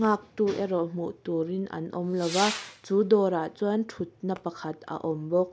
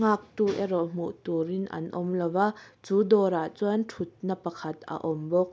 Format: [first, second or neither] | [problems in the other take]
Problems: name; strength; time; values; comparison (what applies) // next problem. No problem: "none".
second | background sound (Whoosh, swoosh, swish / Fireworks); 15 dB below the speech